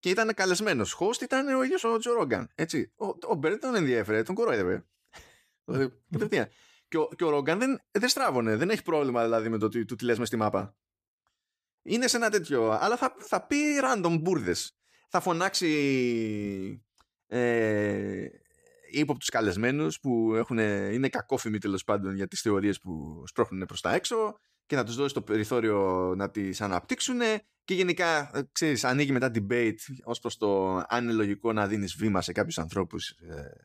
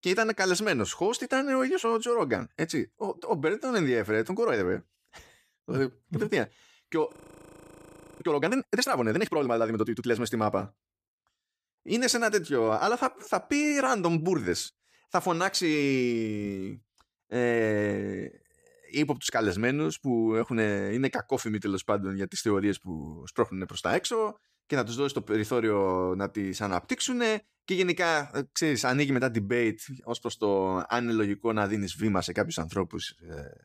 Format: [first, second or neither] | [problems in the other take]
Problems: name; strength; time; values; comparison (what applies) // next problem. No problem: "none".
first | audio freezing; at 7 s for 1 s